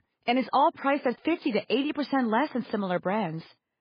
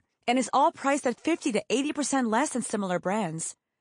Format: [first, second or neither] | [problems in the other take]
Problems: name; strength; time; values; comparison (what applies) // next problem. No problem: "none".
second | garbled, watery; badly; nothing above 5 kHz; slightly in the second